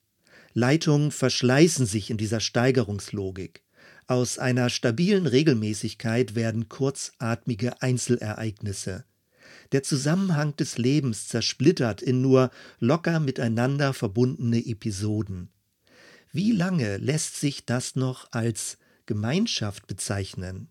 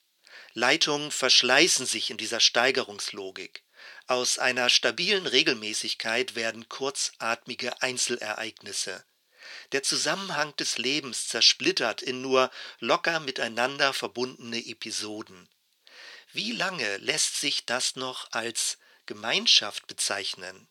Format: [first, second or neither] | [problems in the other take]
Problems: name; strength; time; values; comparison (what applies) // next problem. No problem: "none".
first | thin; very; fading below 550 Hz